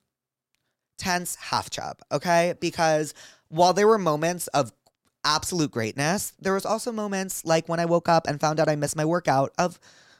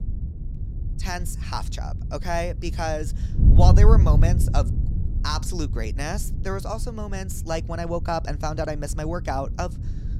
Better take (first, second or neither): first